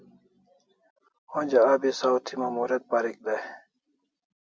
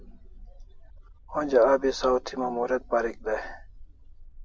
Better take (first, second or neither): first